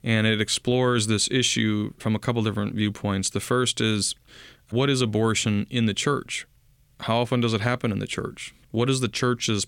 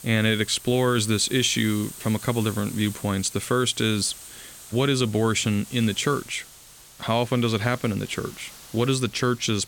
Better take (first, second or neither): first